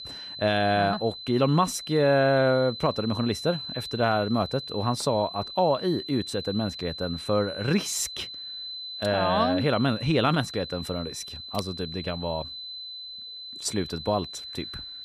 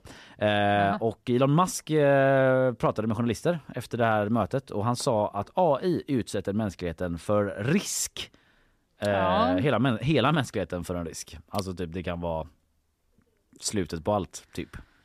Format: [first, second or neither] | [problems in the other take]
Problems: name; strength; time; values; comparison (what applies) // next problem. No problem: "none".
second | high-pitched whine; loud; throughout; 4 kHz, 10 dB below the speech